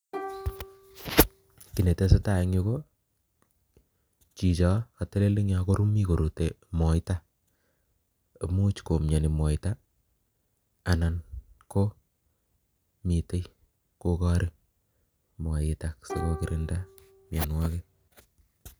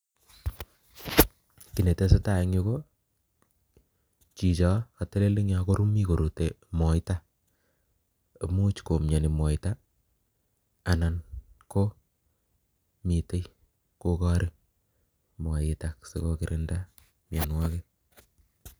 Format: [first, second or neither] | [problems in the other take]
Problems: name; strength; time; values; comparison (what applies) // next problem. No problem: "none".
second | background sound (Plucked string instrument); 14 dB below the speech